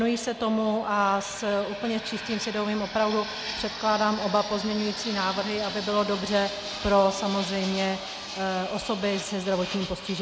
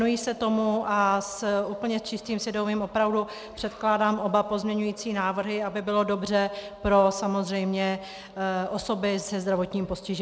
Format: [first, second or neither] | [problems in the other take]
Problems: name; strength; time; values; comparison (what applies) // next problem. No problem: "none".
second | background sound (Fixed-wing aircraft, airplane); 10 dB below the speech